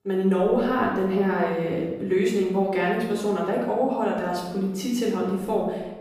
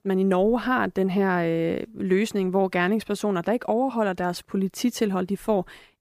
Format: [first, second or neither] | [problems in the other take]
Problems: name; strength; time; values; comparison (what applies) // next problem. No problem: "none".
second | off-mic speech; far // room echo; noticeable; dies away in 0.9 s